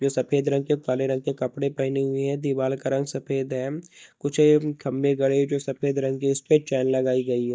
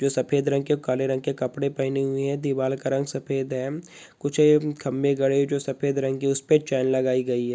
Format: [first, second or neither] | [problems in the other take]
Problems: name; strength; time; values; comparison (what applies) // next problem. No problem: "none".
second | noise reduction (neural mask model DeepFilterNet 3)